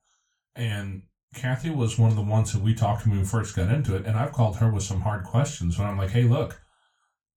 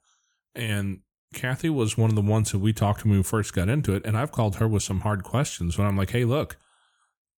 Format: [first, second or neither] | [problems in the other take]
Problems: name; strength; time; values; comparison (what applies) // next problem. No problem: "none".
second | room echo; slight; dies away in 0.2 s // off-mic speech; far